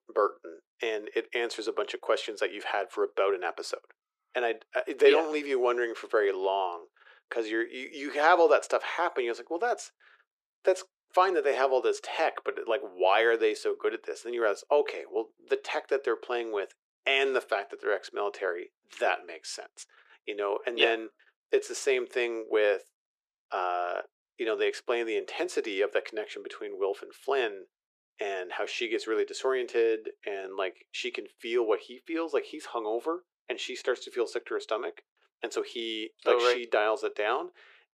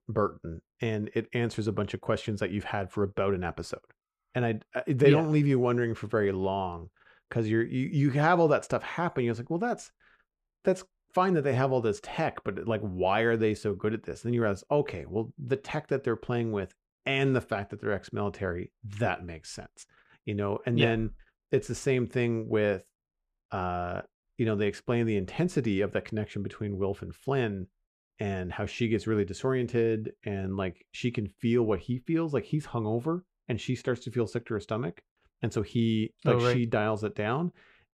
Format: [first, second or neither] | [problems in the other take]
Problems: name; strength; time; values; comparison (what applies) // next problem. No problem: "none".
second | thin; very; fading below 400 Hz